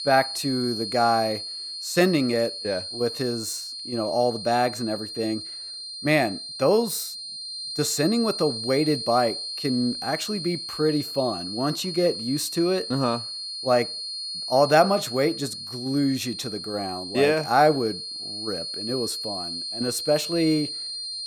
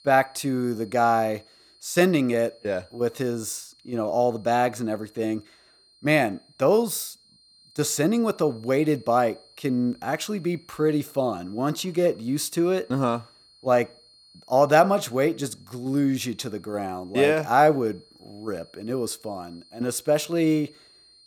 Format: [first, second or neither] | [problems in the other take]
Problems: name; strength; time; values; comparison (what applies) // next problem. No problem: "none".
second | high-pitched whine; loud; throughout; 4.5 kHz, 6 dB below the speech; faint in the second